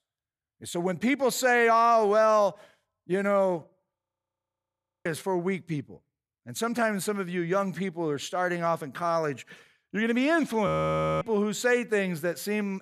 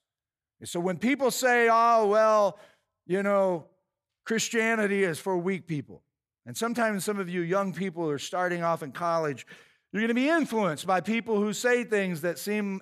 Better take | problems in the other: second | audio freezing; at 4 s for 1 s and at 11 s for 0.5 s

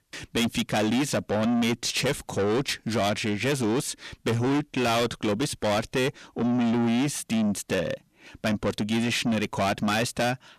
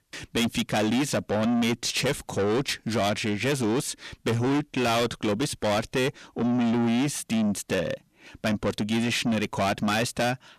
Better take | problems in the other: neither | distortion; heavy; 6 dB below the speech; the same in both

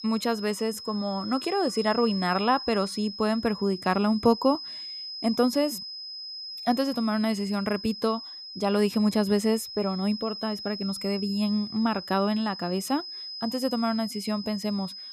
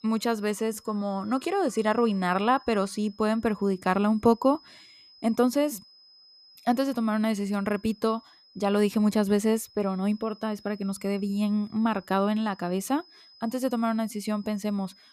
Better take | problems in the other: second | high-pitched whine; loud; throughout; 5 kHz, 9 dB below the speech; faint in the second

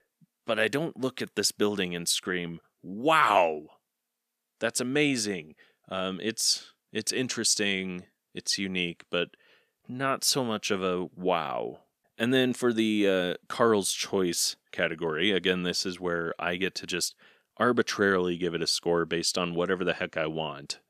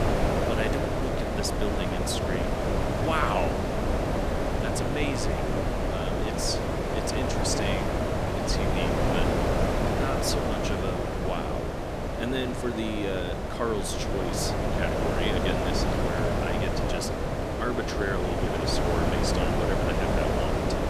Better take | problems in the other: first | wind noise on the microphone; heavy; 4 dB above the speech

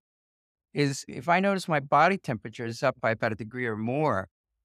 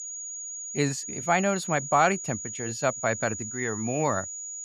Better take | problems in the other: first | high-pitched whine; loud; throughout; 7 kHz, 6 dB below the speech

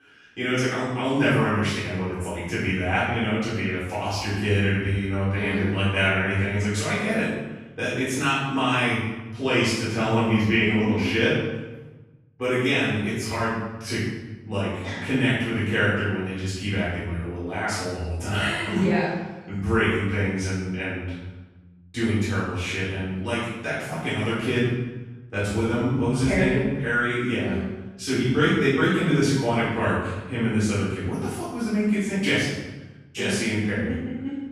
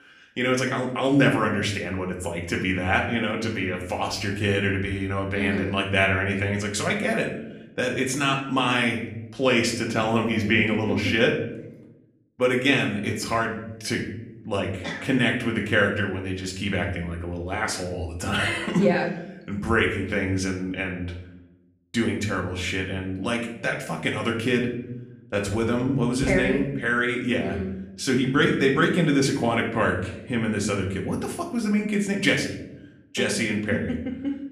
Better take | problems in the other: second | room echo; strong; dies away in 1 s; slight in the second // off-mic speech; far; somewhat distant in the second

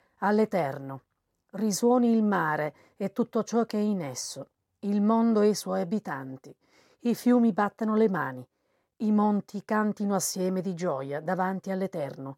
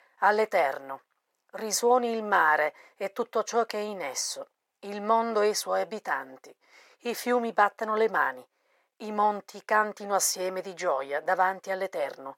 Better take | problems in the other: first | thin; very; fading below 650 Hz

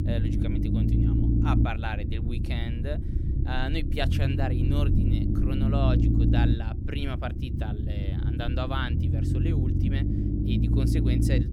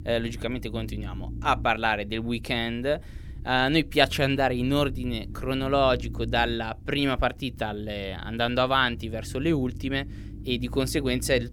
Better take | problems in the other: second | low rumble; loud; throughout; 1 dB below the speech; faint in the second

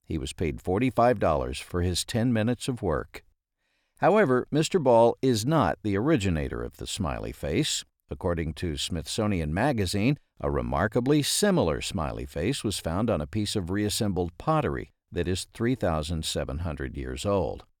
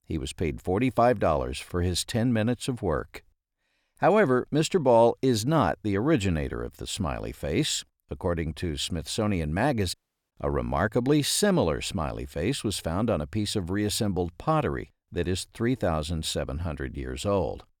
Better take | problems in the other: first | audio cutting out; at 10 s

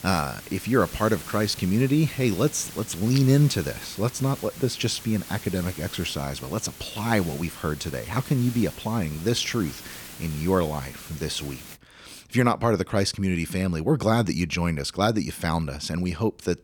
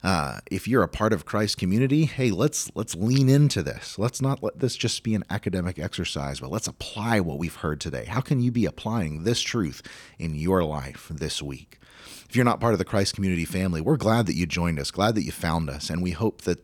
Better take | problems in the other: second | hiss; noticeable; until 12 s; 15 dB below the speech

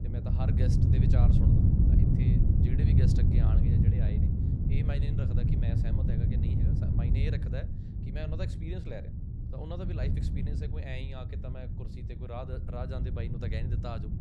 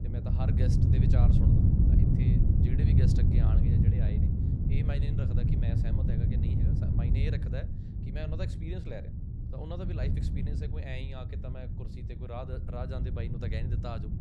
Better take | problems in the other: neither | wind noise on the microphone; heavy; 4 dB above the speech; the same in both

